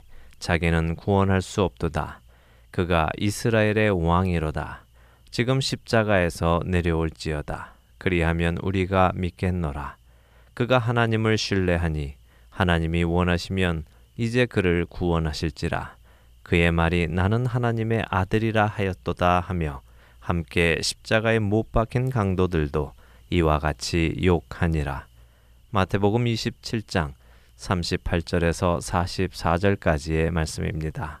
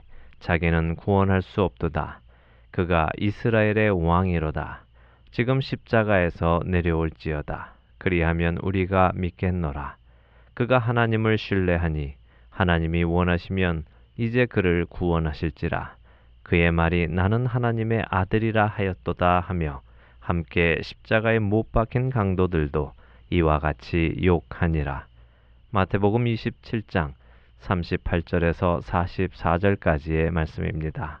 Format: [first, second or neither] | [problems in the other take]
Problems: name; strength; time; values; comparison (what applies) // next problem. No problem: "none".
first | muffled; slightly; fading above 3 kHz